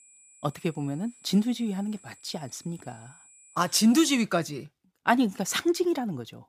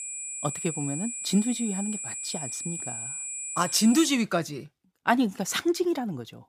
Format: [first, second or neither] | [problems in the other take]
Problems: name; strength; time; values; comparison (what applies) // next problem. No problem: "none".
first | high-pitched whine; loud; until 4 s; 7.5 kHz, 5 dB below the speech; faint in the first